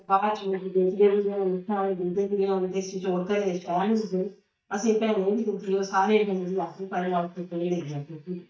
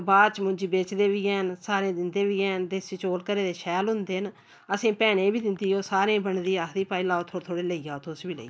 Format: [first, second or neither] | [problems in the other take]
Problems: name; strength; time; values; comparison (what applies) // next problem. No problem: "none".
second | noise reduction (neural mask model DeepFilterNet 3)